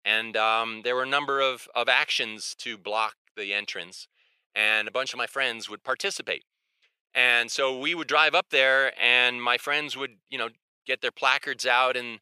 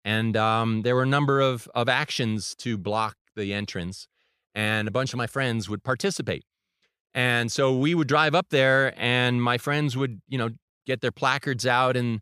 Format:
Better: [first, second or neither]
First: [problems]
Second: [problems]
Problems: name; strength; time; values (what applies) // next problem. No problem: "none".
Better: second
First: thin; very; fading below 550 Hz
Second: none